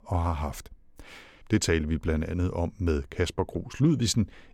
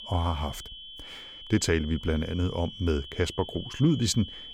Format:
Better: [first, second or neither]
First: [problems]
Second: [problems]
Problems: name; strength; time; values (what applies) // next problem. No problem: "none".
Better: first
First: none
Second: high-pitched whine; noticeable; throughout; 3 kHz, 15 dB below the speech